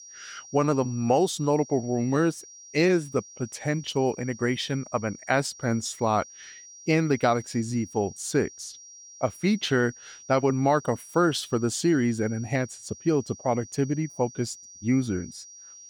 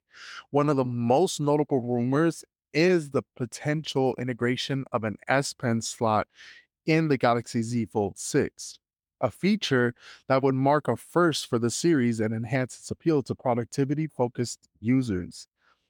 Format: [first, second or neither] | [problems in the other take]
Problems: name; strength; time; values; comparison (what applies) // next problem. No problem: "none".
second | high-pitched whine; noticeable; throughout; 5.5 kHz, 20 dB below the speech